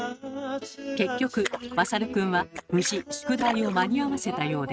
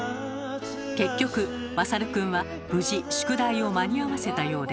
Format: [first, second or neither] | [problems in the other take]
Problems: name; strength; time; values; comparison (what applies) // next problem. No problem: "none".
second | noise reduction (neural mask model RNNoise)